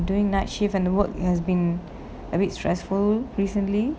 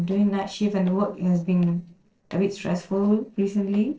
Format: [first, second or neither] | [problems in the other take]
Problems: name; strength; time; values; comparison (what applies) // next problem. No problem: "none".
first | noise reduction (neural separator model SepFormer DNS4)